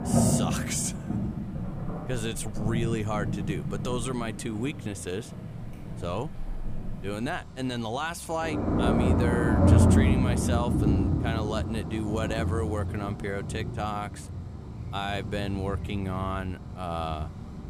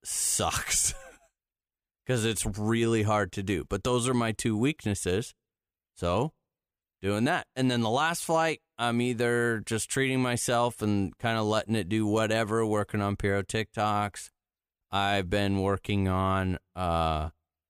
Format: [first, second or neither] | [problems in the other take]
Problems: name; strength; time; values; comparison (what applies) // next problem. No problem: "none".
second | rain or running water; very loud; throughout; 4 dB above the speech